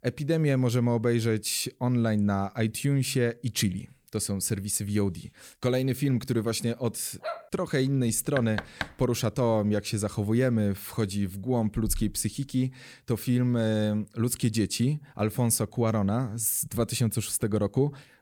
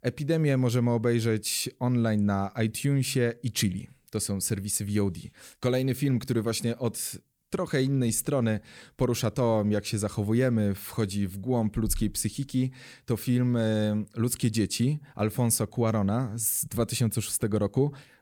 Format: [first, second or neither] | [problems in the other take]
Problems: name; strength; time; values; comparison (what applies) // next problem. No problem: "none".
second | dog barking; noticeable; at 7 s; peak 10 dB below the speech // door banging; noticeable; at 8.5 s; peak 8 dB below the speech